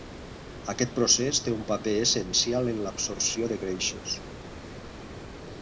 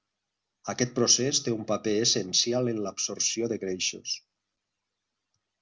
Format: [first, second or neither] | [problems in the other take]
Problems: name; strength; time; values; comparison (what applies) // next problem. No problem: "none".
second | background sound (Water); 12 dB below the speech